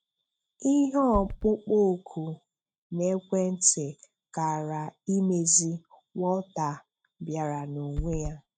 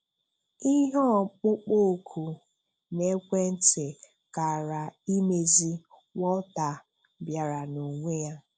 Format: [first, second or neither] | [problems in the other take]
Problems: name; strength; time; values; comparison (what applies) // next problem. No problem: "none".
second | noise reduction (neural mask model RNNoise)